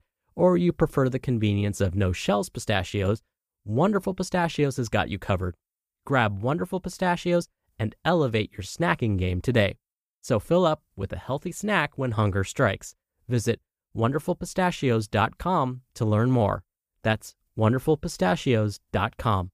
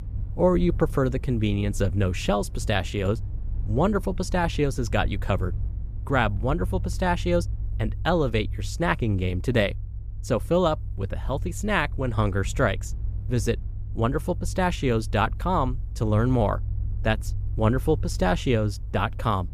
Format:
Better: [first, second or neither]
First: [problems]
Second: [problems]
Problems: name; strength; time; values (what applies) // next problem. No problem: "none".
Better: first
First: none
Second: low rumble; faint; throughout; 25 dB below the speech